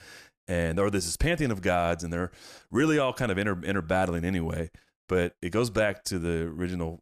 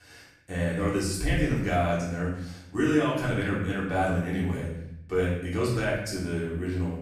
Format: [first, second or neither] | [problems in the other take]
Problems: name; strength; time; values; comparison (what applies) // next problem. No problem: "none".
first | off-mic speech; far // room echo; noticeable; dies away in 0.7 s